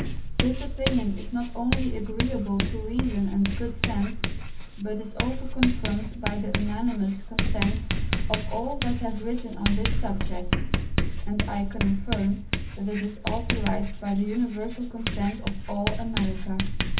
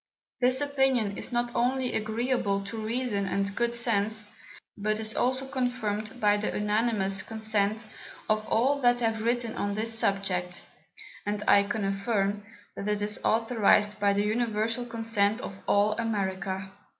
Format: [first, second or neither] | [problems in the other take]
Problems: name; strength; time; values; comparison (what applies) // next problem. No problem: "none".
second | background sound (Writing); 2 dB above the speech // room echo; dies away in 0.3 s